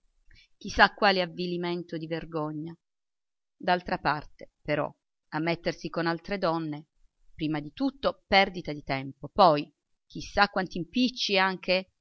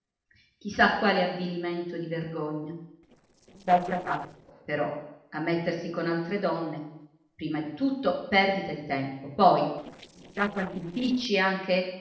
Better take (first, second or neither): first